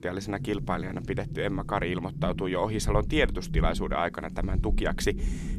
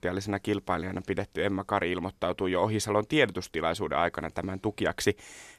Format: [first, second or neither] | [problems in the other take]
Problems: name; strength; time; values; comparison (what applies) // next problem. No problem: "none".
second | low rumble; noticeable; throughout; 15 dB below the speech